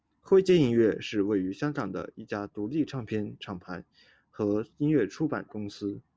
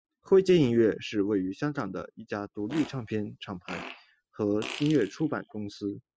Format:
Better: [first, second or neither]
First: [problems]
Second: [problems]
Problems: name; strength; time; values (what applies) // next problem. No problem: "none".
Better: first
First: none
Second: noise reduction (classical method spectral subtraction)